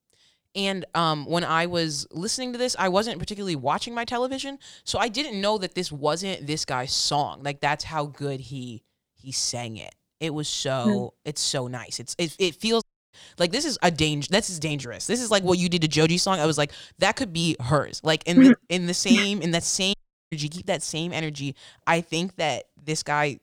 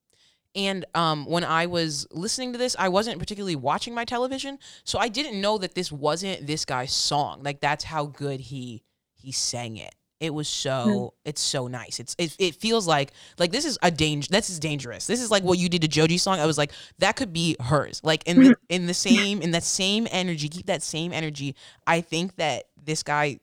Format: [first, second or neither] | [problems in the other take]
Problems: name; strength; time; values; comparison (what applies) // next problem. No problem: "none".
second | audio cutting out; at 13 s and at 20 s